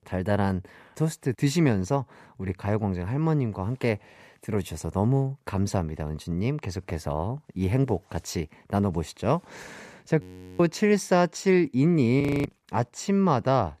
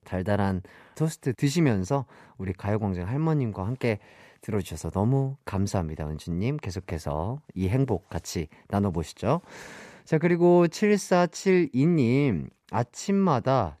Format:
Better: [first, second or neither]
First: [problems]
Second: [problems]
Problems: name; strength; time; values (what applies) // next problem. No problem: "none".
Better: second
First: audio freezing; at 10 s and at 12 s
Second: none